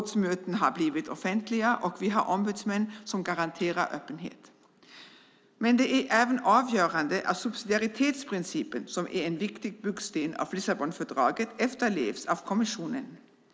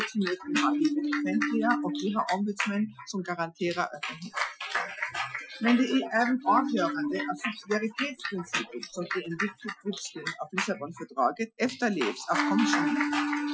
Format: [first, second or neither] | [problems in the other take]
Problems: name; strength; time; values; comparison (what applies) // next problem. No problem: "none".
first | noise reduction (classical method Wiener filter)